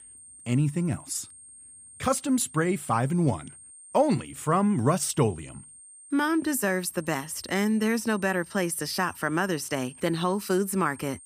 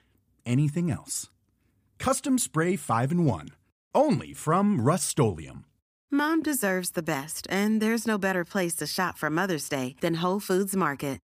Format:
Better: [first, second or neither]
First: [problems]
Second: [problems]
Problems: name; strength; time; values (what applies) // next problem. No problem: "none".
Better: second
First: high-pitched whine; noticeable; throughout; 8.5 kHz, 20 dB below the speech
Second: none